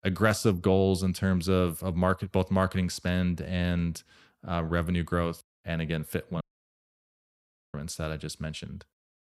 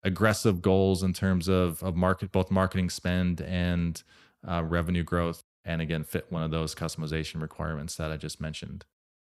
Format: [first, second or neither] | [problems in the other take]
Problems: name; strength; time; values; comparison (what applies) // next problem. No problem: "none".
second | audio cutting out; at 6.5 s for 1.5 s